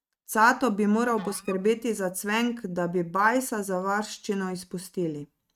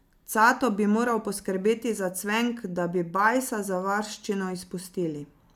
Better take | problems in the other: second | noise reduction (neural mask model RNNoise)

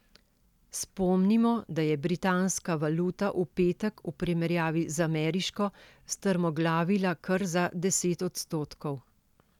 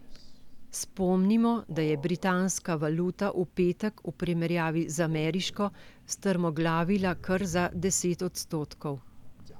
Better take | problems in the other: first | background sound (Crow); 18 dB below the speech

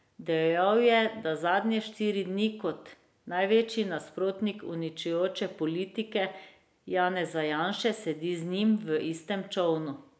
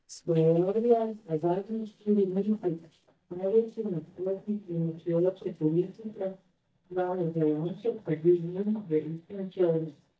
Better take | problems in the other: first | noise reduction (neural mask model DeepFilterNet 3)

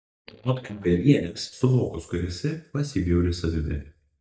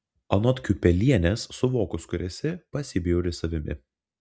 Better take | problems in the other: second | noise reduction (neural mask model DeepFilterNet 3)

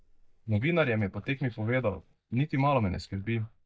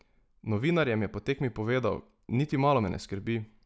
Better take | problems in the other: second | noise reduction (neural mask model DeepFilterNet 3)

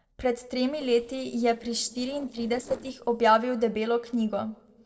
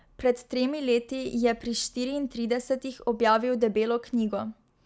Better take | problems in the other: second | noise reduction (neural separator model SepFormer DNS4)

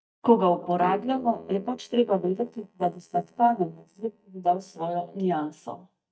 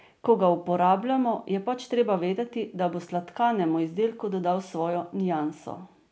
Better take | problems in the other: second | noise reduction (neural mask model DeepFilterNet 3)

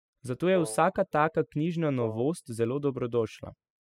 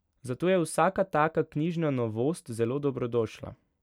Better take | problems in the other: second | noise reduction (classical method spectral subtraction)

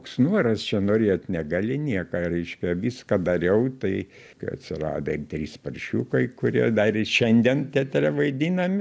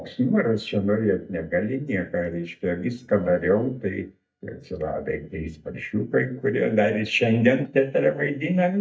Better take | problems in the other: first | noise reduction (neural mask model DeepFilterNet 3)

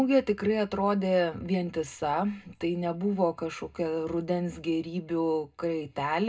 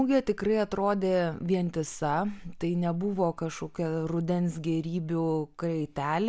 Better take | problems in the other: second | room echo; dies away in 0.2 s

